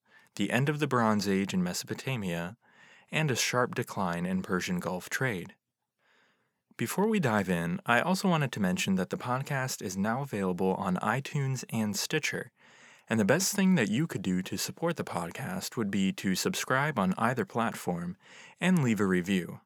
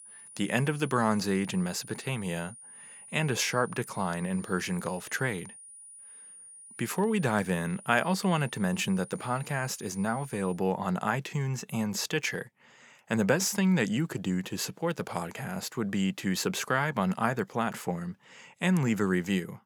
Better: first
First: none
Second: high-pitched whine; noticeable; until 11 s; 9.5 kHz, 15 dB below the speech

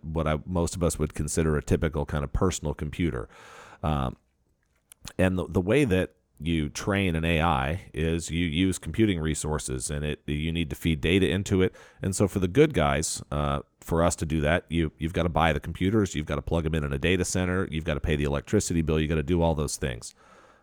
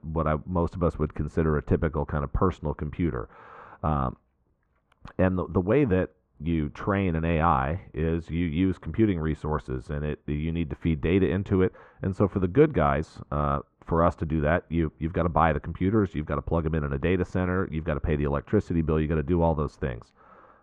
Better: first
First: none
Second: muffled; very; fading above 1.5 kHz

